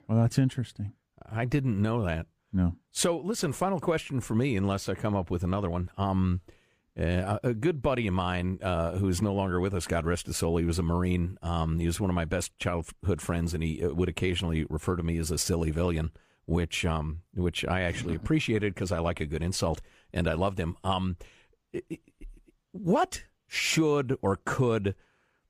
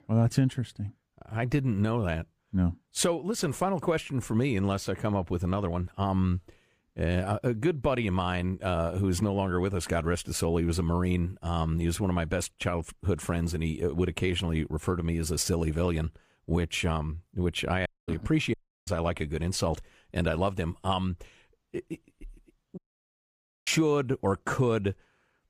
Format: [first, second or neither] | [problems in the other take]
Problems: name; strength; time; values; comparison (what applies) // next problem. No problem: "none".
first | audio cutting out; at 18 s, at 19 s and at 23 s for 1 s